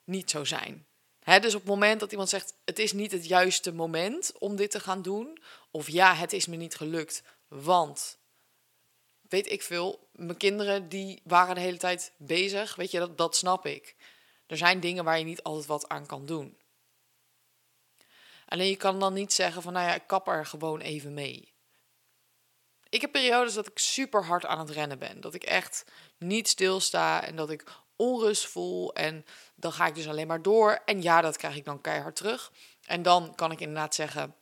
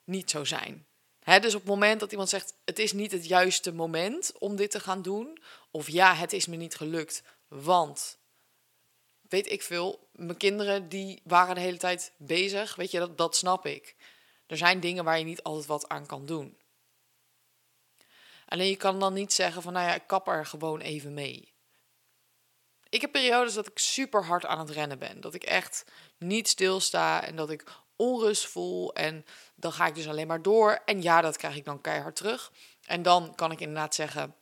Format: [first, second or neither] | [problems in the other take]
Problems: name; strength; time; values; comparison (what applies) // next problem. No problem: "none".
neither | thin; somewhat; fading below 450 Hz; the same in both